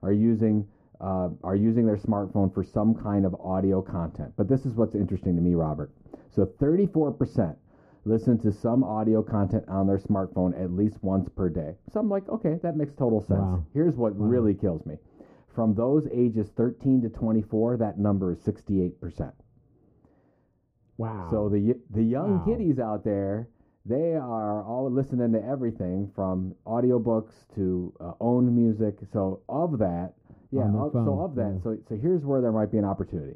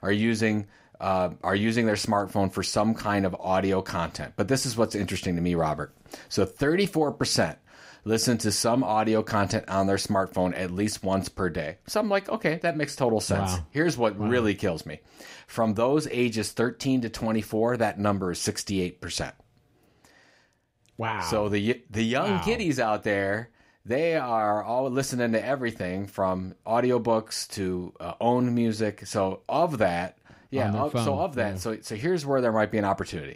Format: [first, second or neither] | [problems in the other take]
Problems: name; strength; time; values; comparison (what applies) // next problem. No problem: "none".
second | muffled; very; fading above 1 kHz